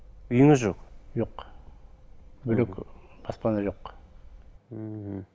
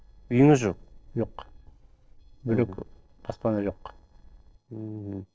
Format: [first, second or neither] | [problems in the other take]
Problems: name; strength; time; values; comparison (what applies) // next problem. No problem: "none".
first | noise reduction (neural separator model SepFormer DNS4)